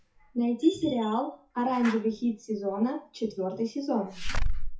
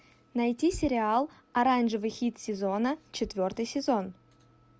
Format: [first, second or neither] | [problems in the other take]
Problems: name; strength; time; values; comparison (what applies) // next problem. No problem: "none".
second | noise reduction (classical method WPE with log-MMSE)